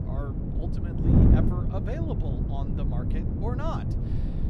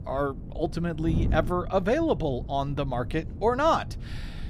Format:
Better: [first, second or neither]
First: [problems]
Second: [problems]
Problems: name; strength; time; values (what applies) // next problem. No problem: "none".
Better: second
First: wind noise on the microphone; heavy; 3 dB above the speech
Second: wind noise on the microphone; occasional gusts; 20 dB below the speech